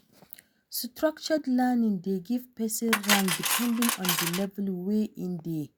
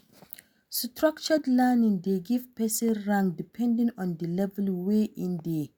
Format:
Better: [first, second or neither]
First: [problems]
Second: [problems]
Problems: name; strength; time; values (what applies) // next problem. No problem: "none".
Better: second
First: background sound (Cutlery, silverware); 3 dB below the speech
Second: none